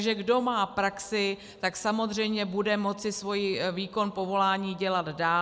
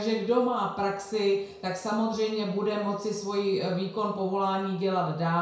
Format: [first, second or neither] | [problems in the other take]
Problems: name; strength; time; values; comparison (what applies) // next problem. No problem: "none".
first | room echo; dies away in 0.5 s